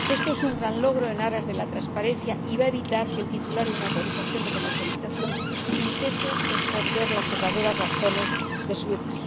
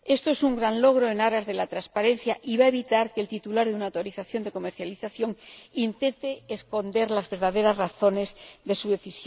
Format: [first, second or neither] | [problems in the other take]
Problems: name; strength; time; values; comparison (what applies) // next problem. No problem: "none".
second | background sound (Water tap, faucet); as loud as the speech